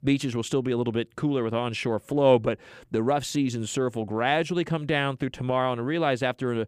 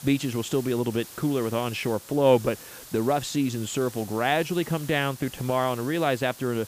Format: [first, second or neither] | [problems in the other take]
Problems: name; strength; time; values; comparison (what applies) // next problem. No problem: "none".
first | hiss; noticeable; throughout; 15 dB below the speech